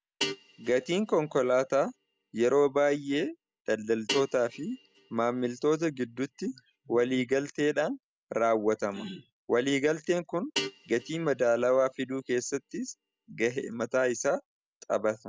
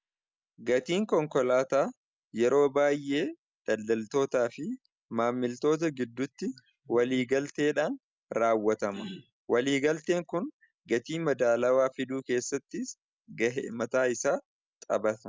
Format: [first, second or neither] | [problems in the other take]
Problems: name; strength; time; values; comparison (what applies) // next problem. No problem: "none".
second | background sound (Guitar); 14 dB below the speech